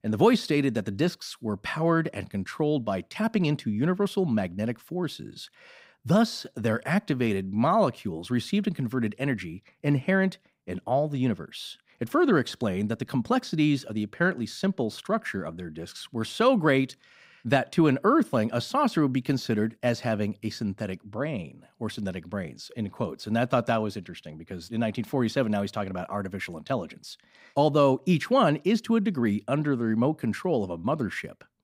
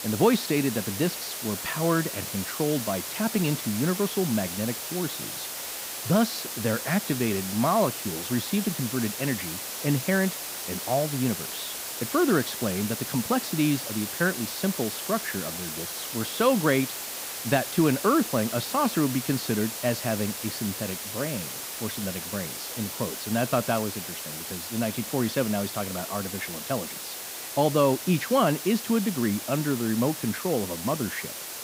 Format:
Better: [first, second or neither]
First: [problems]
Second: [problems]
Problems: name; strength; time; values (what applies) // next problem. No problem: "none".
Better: first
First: none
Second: hiss; loud; throughout; 5 dB below the speech